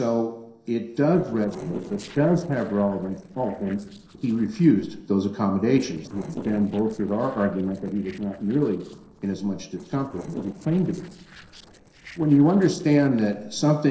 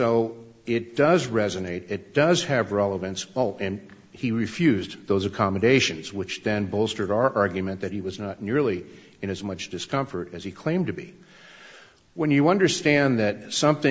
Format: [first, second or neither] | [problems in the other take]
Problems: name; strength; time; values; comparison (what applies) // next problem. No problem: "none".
second | noise reduction (neural separator model SepFormer DNS4)